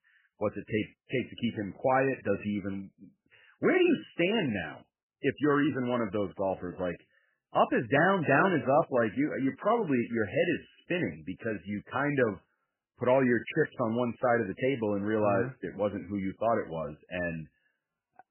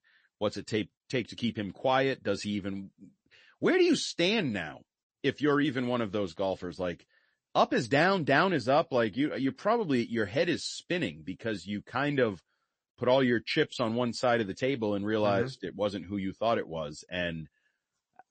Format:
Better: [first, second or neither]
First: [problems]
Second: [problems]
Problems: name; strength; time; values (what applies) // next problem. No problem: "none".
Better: second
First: garbled, watery; badly; nothing above 3 kHz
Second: garbled, watery; slightly; nothing above 8 kHz